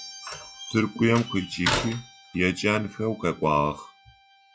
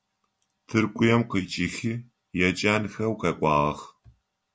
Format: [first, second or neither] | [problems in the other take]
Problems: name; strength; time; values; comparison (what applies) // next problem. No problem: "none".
second | noise reduction (classical method log-MMSE)